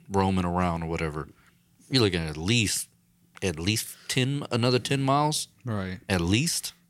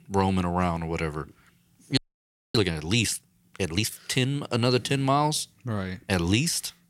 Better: first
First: none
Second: audio freezing; at 2 s for 0.5 s

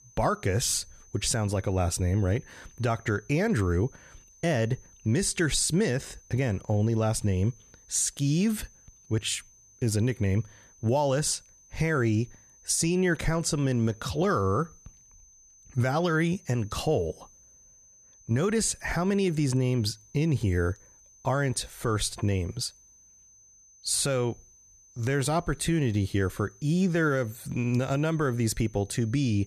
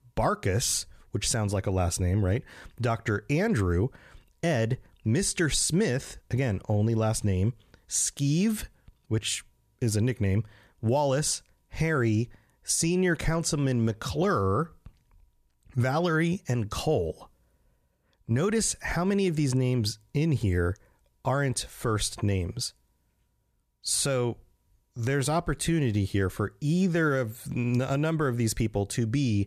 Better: second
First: high-pitched whine; faint; throughout; 6 kHz, 25 dB below the speech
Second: none

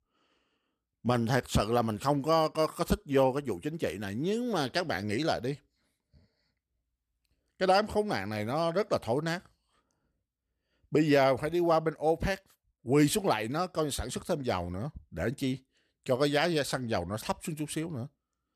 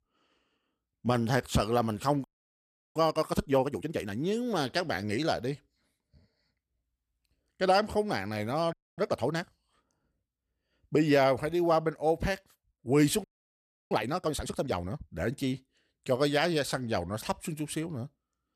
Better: first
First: none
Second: audio freezing; at 2 s for 0.5 s, at 8.5 s and at 13 s for 0.5 s

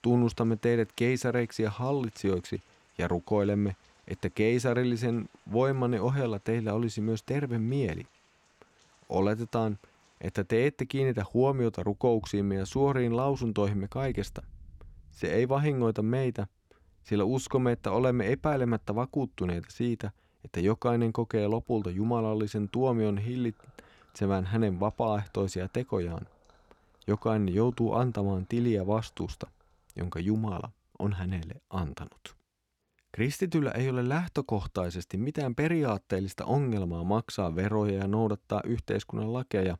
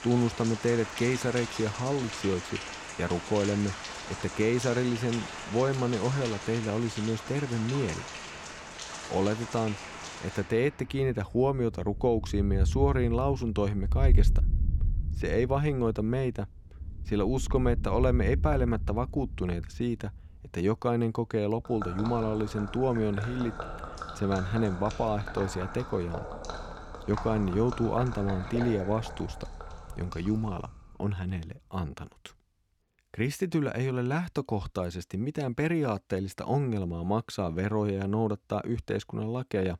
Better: first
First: rain or running water; faint; until 31 s; 30 dB below the speech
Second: rain or running water; loud; until 31 s; 6 dB below the speech

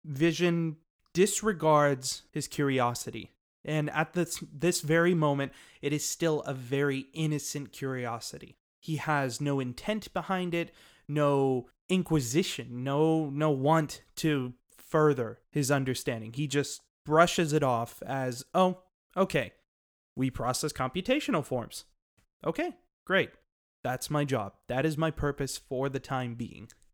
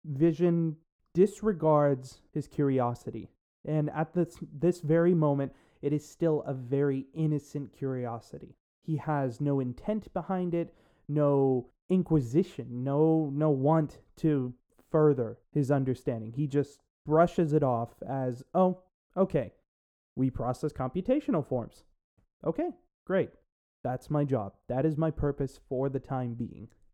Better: first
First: none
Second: muffled; very; fading above 1.5 kHz

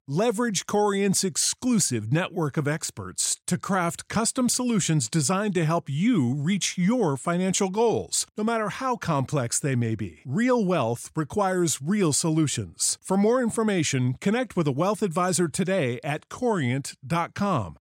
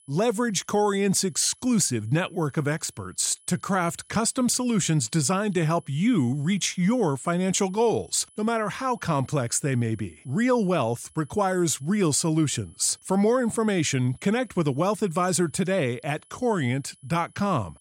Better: first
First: none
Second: high-pitched whine; faint; throughout; 10 kHz, 30 dB below the speech

